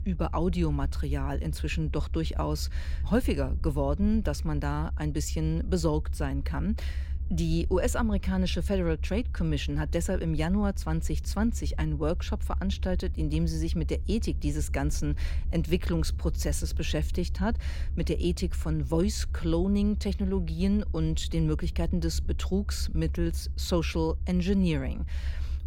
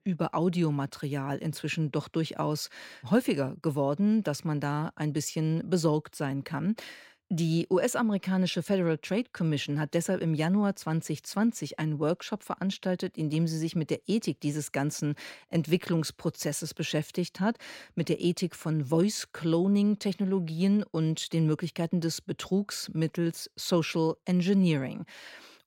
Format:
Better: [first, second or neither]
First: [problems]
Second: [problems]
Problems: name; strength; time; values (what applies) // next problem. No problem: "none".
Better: second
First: low rumble; noticeable; throughout; 20 dB below the speech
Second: none